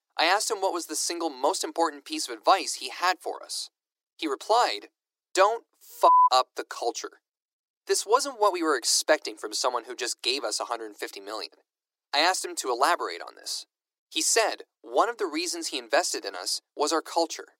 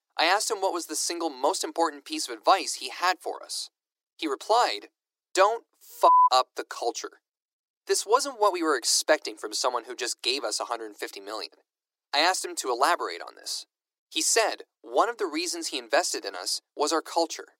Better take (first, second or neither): neither